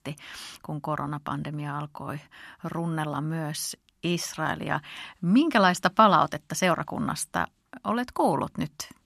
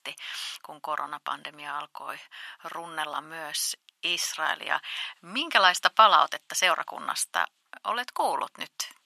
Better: first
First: none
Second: thin; very; fading below 850 Hz

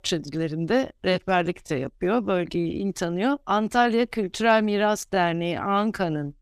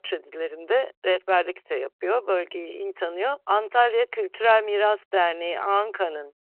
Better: first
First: none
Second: phone-call audio

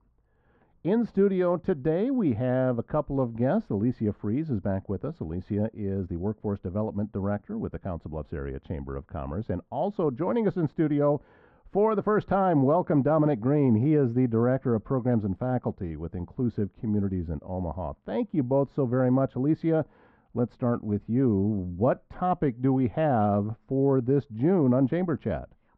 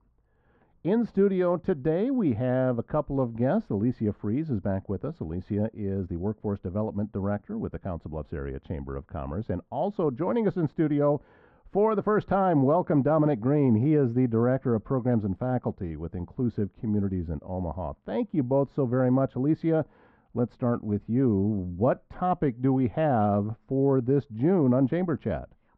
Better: neither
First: muffled; very; fading above 1 kHz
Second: muffled; very; fading above 1 kHz

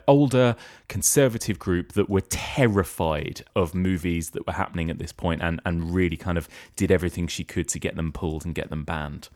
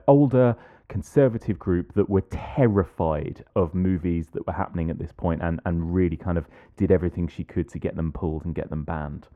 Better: first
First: none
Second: muffled; very; fading above 2.5 kHz

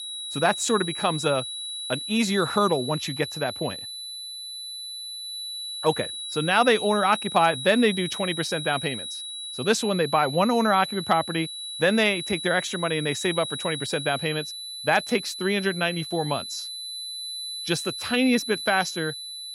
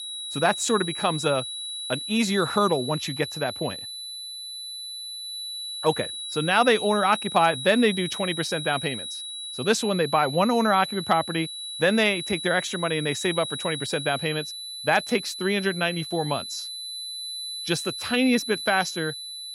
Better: neither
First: high-pitched whine; loud; throughout; 4 kHz, 7 dB below the speech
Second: high-pitched whine; loud; throughout; 4 kHz, 7 dB below the speech

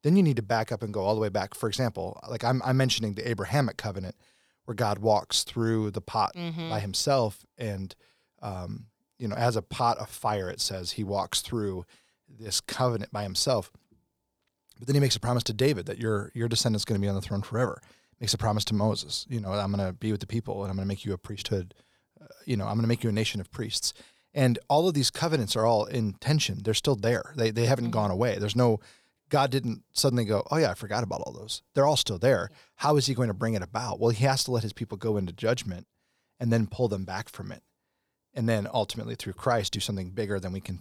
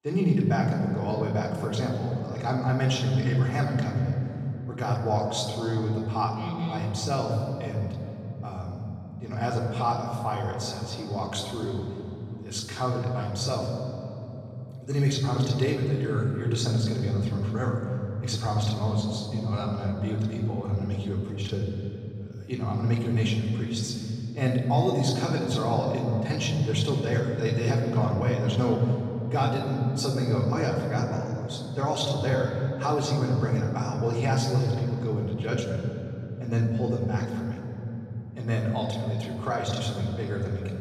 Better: first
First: none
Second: room echo; noticeable; dies away in 3 s // off-mic speech; far

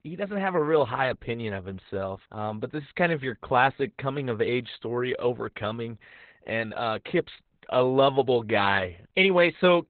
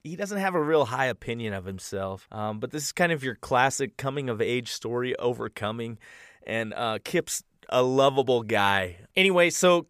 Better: second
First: garbled, watery; badly; nothing above 4 kHz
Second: none

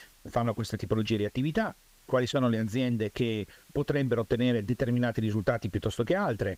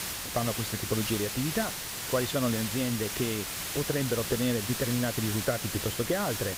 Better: first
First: hiss; faint; throughout; 30 dB below the speech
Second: hiss; loud; throughout; 2 dB below the speech

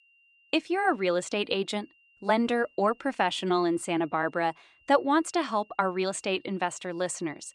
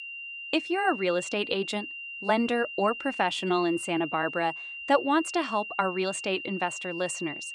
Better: first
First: high-pitched whine; faint; throughout; 3 kHz, 35 dB below the speech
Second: high-pitched whine; loud; throughout; 3 kHz, 8 dB below the speech

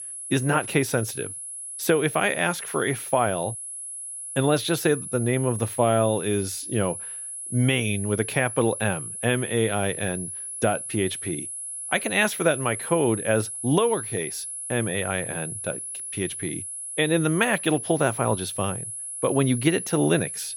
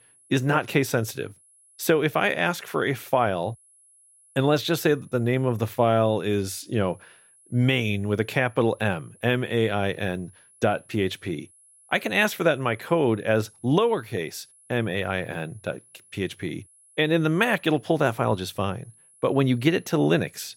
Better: second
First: high-pitched whine; loud; throughout; 10.5 kHz, 7 dB below the speech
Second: high-pitched whine; faint; throughout; 10.5 kHz, 30 dB below the speech

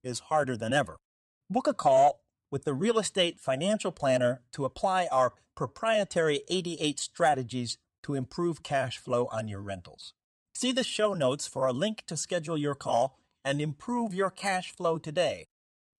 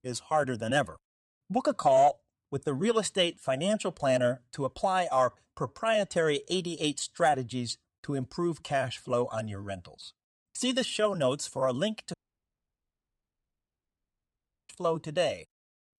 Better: first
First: none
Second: audio cutting out; at 12 s for 2.5 s

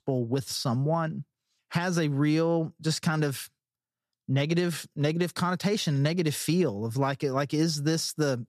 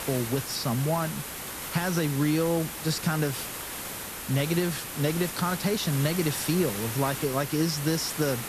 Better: first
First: none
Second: hiss; loud; throughout; 6 dB below the speech

